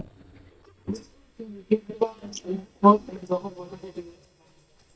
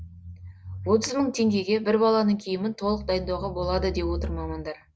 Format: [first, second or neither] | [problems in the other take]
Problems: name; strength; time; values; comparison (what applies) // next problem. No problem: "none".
second | noise reduction (neural mask model DeepFilterNet 3)